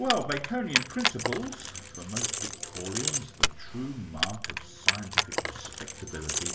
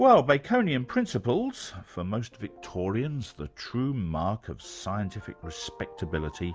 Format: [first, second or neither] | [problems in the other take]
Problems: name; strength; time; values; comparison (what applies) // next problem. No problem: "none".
second | background sound (Keys jangling); 4 dB above the speech // room echo; dies away in 0.5 s